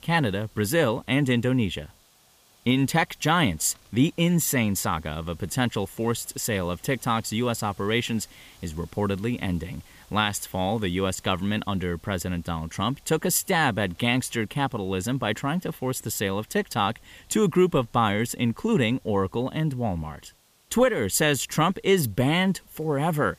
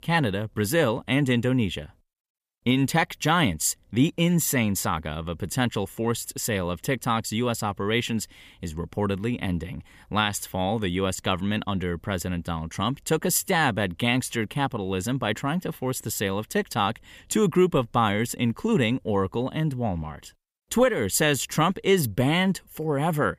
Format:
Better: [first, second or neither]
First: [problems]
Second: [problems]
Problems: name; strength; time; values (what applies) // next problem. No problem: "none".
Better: second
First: hiss; faint; throughout; 30 dB below the speech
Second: none